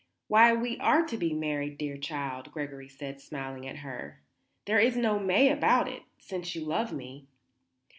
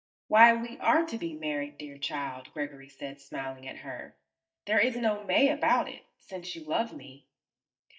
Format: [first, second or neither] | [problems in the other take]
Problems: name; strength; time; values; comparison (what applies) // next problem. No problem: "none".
first | noise reduction (neural mask model DeepFilterNet 3)